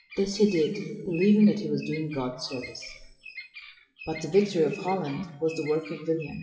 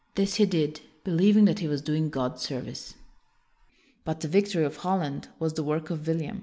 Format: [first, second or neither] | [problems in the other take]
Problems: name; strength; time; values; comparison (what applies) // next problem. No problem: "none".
second | noise reduction (classical method WPE with log-MMSE)